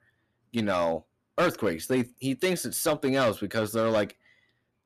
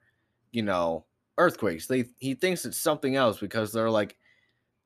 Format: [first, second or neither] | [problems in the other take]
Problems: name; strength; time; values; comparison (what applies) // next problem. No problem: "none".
second | distortion; slight; 4% of the sound clipped